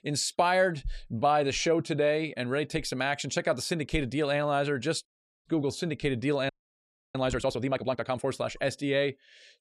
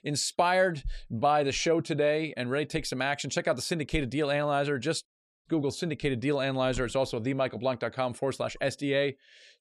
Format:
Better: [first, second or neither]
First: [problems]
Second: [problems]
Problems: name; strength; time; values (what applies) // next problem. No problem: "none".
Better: second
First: audio freezing; at 6.5 s for 0.5 s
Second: none